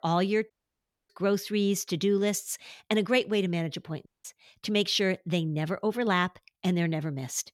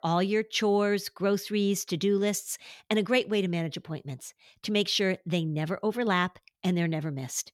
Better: second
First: audio cutting out; at 0.5 s for 0.5 s and at 4 s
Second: none

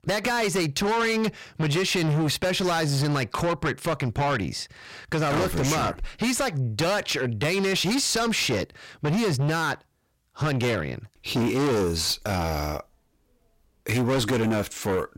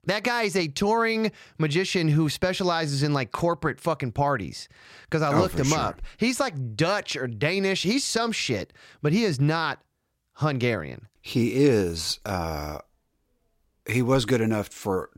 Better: second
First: distortion; heavy; 6 dB below the speech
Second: none

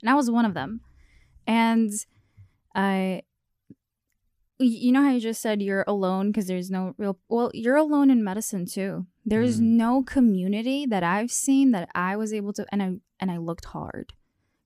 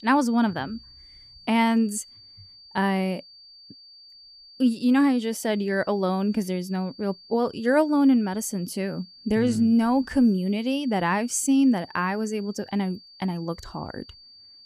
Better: first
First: none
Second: high-pitched whine; faint; throughout; 4.5 kHz, 25 dB below the speech

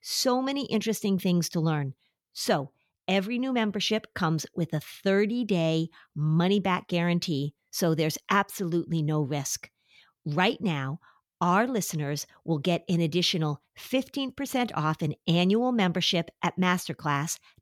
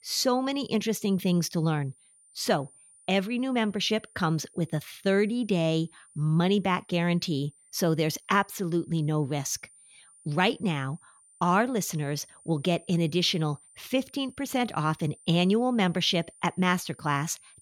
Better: first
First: none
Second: high-pitched whine; faint; throughout; 9 kHz, 25 dB below the speech

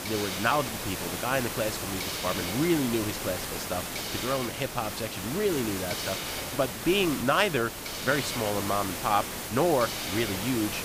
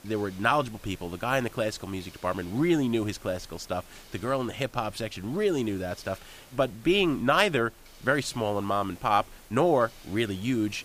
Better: second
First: hiss; loud; throughout; 3 dB below the speech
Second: hiss; faint; throughout; 20 dB below the speech

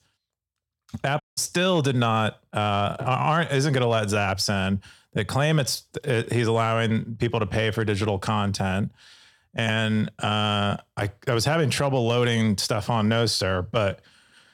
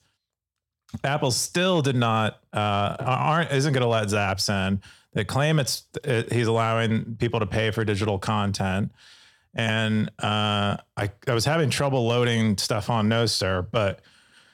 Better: second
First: audio cutting out; at 1 s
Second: none

